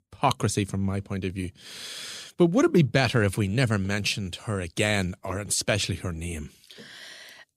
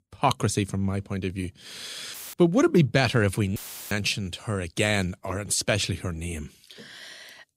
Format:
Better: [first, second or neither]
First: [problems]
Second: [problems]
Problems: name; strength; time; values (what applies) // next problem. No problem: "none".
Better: first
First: none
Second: audio cutting out; filled with static; at 2 s and at 3.5 s